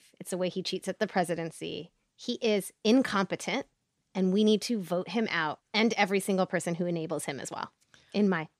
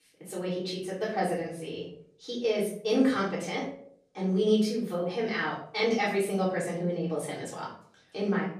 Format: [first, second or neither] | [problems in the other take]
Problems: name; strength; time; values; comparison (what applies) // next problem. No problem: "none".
first | off-mic speech; far // room echo; noticeable; dies away in 0.5 s